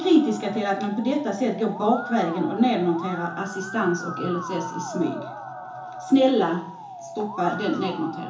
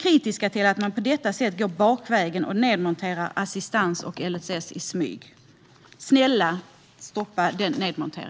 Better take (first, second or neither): second